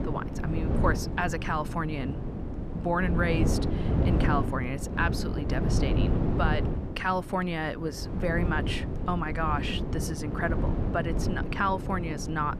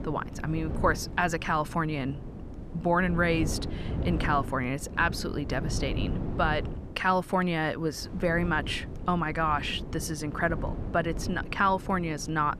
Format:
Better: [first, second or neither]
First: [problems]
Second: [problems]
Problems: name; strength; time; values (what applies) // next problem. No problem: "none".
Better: second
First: wind noise on the microphone; heavy; 7 dB below the speech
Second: wind noise on the microphone; occasional gusts; 15 dB below the speech